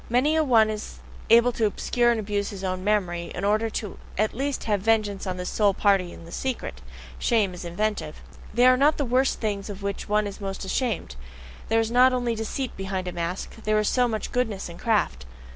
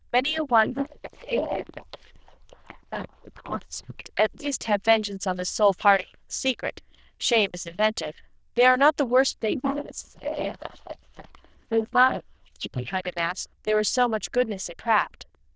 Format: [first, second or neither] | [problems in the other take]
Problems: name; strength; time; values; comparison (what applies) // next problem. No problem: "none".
first | noise reduction (neural diffusion model UNIVERSE++)